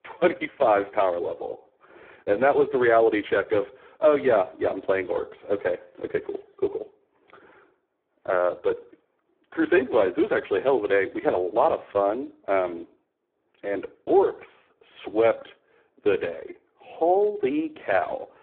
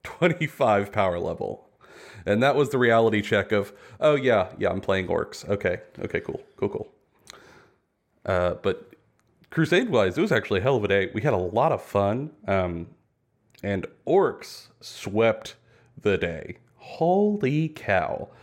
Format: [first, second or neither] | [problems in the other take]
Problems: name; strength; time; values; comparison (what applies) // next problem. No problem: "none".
second | phone-call audio; poor line; nothing above 3.5 kHz